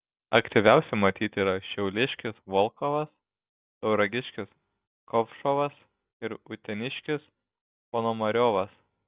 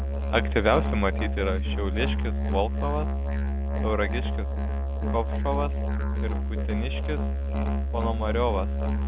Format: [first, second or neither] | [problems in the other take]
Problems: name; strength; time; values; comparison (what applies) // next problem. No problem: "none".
first | background sound (Musical instrument); 4 dB above the speech